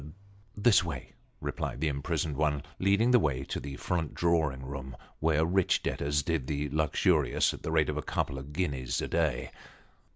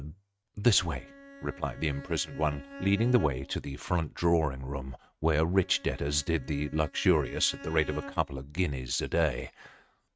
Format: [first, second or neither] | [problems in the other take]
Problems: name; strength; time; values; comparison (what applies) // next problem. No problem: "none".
first | noise reduction (neural mask model RNNoise)